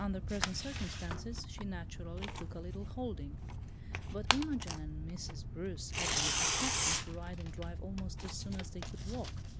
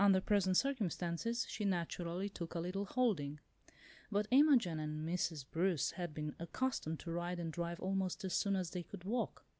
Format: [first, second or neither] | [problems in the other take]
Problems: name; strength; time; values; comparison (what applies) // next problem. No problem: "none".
second | background sound (Tearing); 4 dB above the speech